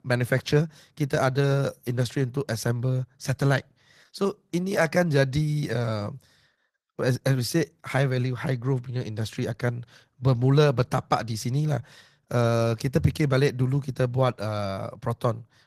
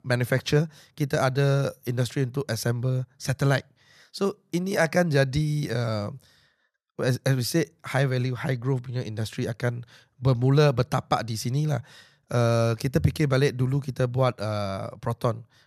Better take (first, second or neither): second